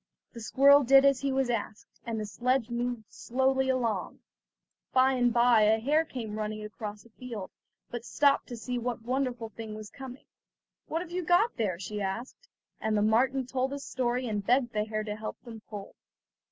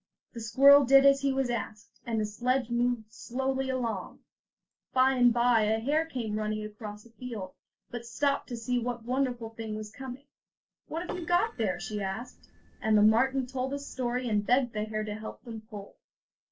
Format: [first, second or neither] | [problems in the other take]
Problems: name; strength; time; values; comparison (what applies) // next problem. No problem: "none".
first | noise reduction (neural separator model SepFormer DNS4)